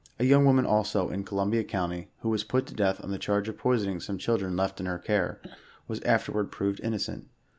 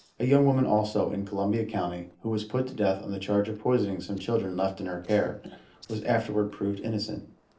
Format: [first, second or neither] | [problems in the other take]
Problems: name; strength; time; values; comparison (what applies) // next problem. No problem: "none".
first | noise reduction (neural separator model SepFormer DNS4)